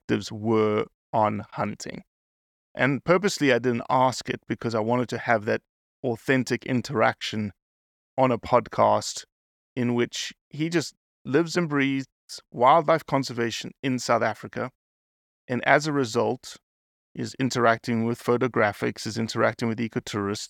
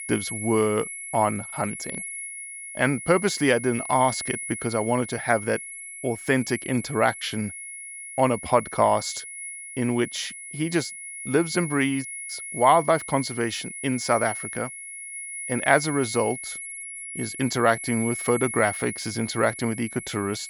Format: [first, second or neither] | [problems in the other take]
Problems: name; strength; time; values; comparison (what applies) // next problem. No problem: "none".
first | high-pitched whine; loud; throughout; 2 kHz, 9 dB below the speech